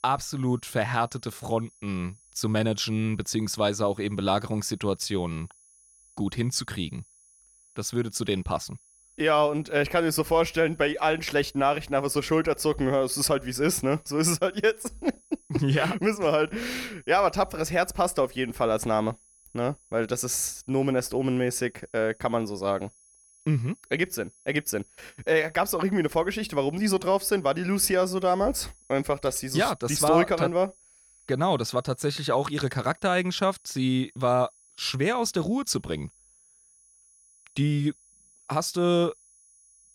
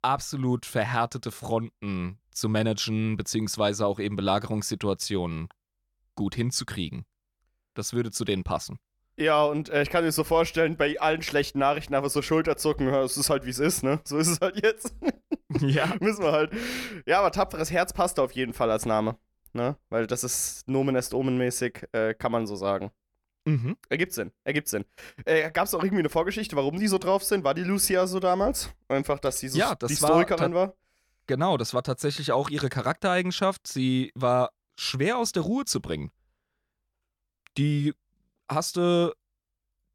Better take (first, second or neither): second